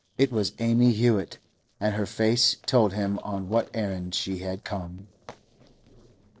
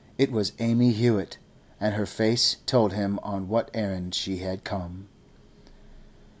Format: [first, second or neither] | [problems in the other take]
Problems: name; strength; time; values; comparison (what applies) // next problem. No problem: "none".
second | noise reduction (neural separator model SepFormer DNS4)